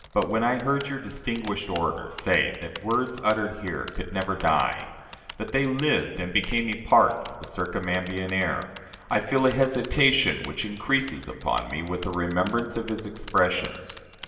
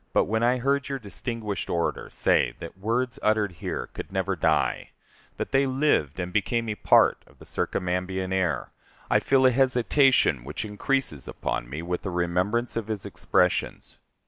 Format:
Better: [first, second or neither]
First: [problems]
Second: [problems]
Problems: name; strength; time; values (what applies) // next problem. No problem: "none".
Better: second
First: background sound (Typing); 19 dB below the speech // room echo; dies away in 2.2 s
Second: none